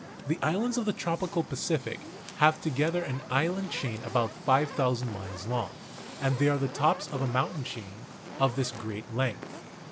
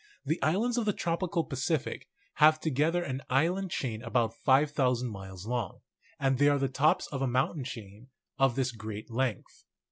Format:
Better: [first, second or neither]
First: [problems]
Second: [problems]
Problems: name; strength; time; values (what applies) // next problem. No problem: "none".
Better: second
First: background sound (Fire); 13 dB below the speech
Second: none